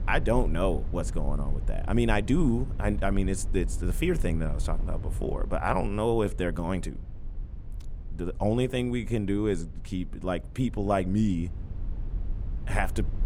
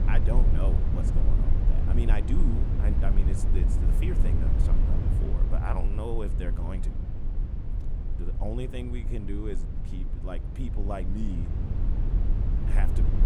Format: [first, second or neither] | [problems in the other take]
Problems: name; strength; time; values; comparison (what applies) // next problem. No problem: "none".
first | low rumble; loud; throughout; 3 dB below the speech; faint in the first